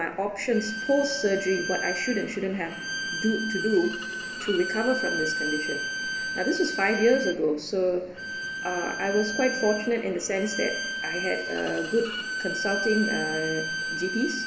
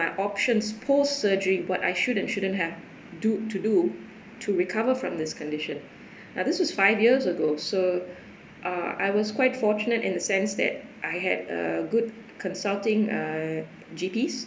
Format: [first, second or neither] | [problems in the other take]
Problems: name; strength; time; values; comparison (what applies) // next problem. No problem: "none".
second | background sound (Bowed string instrument); 5 dB below the speech // room echo; dies away in 1.3 s